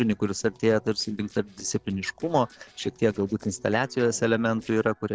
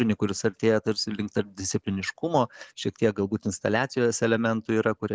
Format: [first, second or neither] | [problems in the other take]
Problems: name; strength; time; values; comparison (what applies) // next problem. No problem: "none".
second | noise reduction (neural separator model SepFormer DNS4)